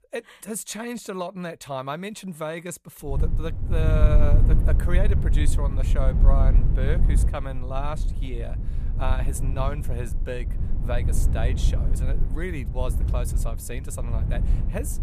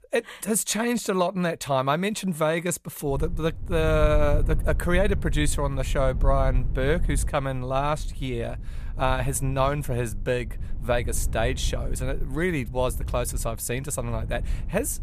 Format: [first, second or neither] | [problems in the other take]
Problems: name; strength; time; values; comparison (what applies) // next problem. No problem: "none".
second | low rumble; loud; from 3 s on; 7 dB below the speech; faint in the second